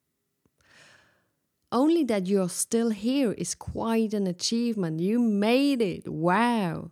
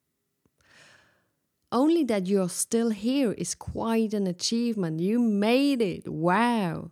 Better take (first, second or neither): neither